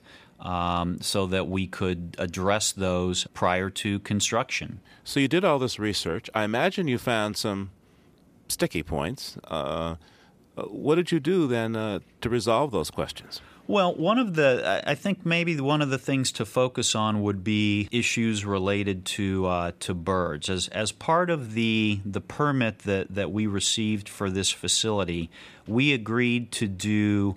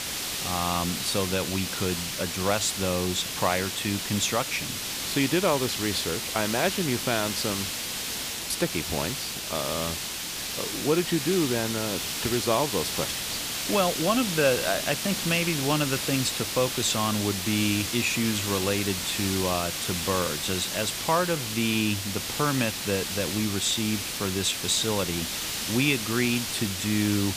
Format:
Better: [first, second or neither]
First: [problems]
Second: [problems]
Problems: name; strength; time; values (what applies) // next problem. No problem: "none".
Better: first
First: none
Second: hiss; loud; throughout; 2 dB below the speech